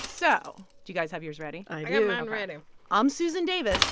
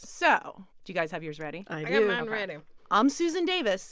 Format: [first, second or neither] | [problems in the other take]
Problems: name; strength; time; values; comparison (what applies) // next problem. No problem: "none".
second | background sound (Mechanisms / Bicycle); 9 dB below the speech